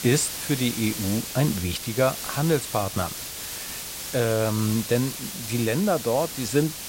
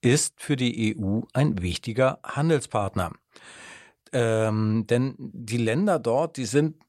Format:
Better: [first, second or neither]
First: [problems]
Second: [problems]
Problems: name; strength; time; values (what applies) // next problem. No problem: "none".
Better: second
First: hiss; loud; throughout; 6 dB below the speech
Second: none